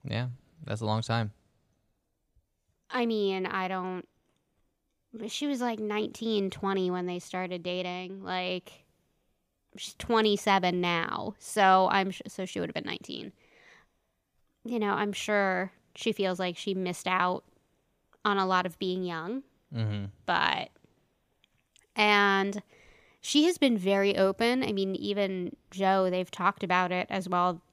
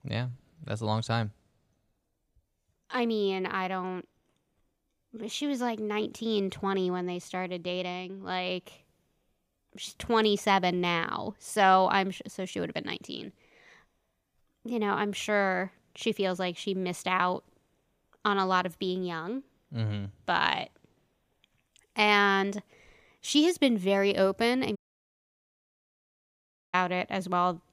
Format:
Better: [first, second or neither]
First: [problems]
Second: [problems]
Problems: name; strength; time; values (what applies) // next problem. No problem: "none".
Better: first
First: none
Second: audio cutting out; at 25 s for 2 s